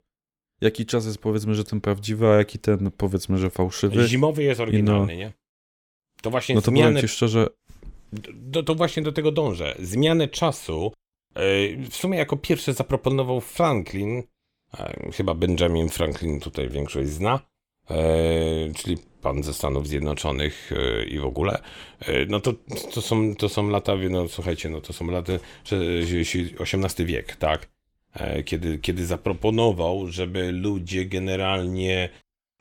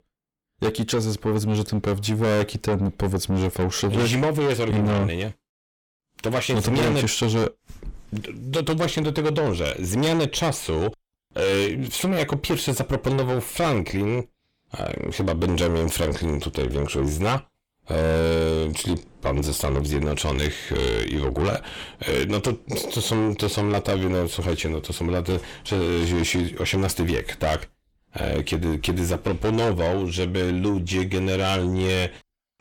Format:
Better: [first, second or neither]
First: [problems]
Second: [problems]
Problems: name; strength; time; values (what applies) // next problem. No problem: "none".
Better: first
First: none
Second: distortion; heavy; 7 dB below the speech